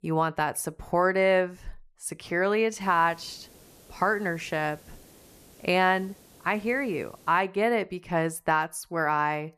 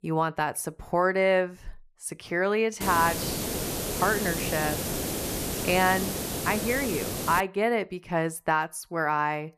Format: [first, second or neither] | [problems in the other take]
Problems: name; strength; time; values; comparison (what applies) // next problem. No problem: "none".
first | hiss; loud; from 3 to 7.5 s; 3 dB below the speech; faint in the first